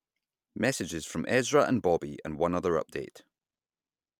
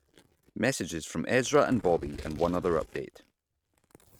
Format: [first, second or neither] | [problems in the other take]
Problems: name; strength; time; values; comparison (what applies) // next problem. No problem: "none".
first | noise reduction (neural mask model RNNoise)